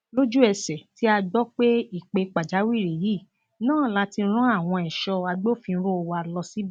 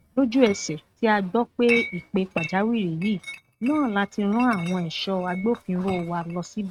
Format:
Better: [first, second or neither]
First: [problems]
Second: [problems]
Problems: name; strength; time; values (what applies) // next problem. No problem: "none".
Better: first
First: none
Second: noise reduction (neural mask model RNNoise)